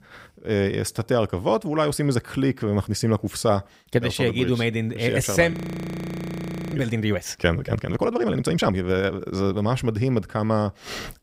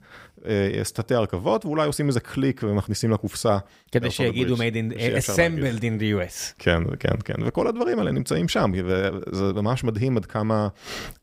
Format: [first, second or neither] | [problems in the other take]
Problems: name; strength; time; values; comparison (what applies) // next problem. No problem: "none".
second | audio freezing; at 5.5 s for 1 s